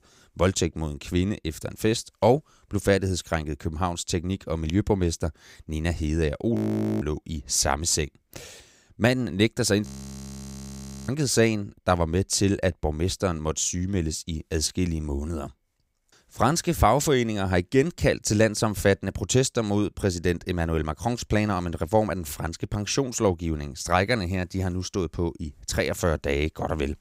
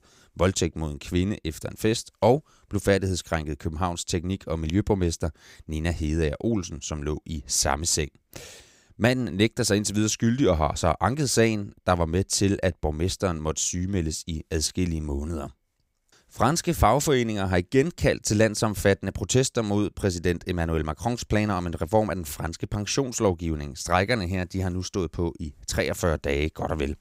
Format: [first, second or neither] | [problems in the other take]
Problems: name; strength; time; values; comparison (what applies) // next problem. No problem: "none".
second | audio freezing; at 6.5 s and at 10 s for 1 s